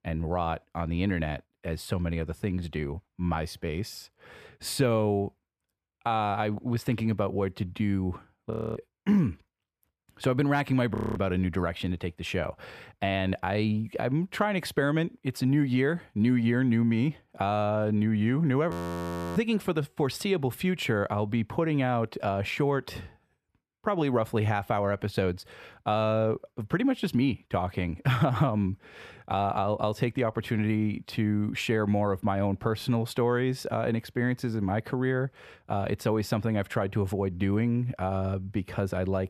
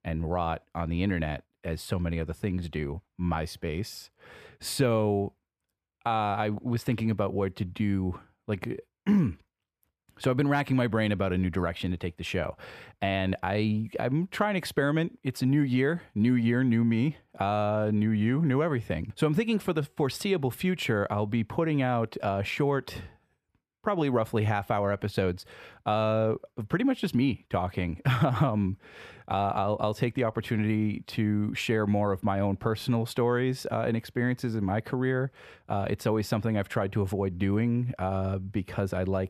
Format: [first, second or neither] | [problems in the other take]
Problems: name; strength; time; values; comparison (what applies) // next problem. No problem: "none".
second | audio freezing; at 8.5 s, at 11 s and at 19 s for 0.5 s